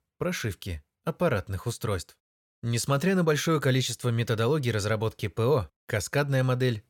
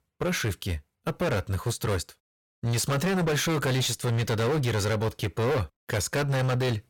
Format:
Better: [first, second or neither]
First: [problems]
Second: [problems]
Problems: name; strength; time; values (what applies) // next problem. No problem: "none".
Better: first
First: none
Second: distortion; heavy; 26% of the sound clipped